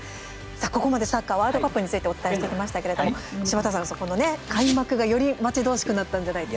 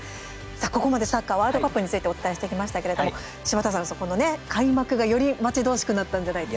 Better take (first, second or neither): second